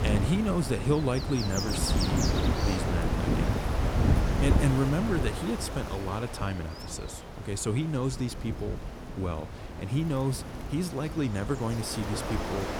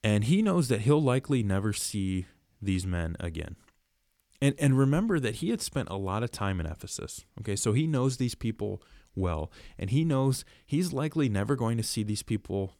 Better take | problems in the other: second | wind noise on the microphone; heavy; 1 dB below the speech

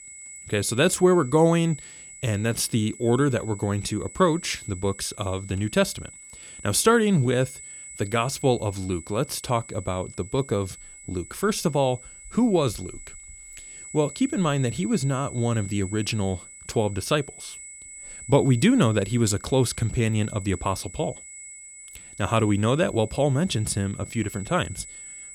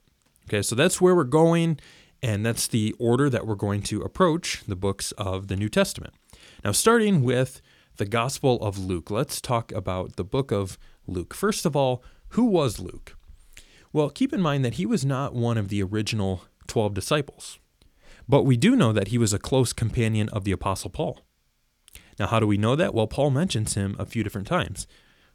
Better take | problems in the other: second | high-pitched whine; noticeable; throughout; 8 kHz, 15 dB below the speech

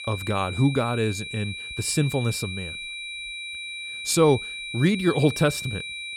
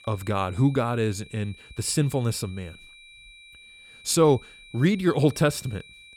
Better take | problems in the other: second | high-pitched whine; loud; throughout; 2.5 kHz, 8 dB below the speech; faint in the second

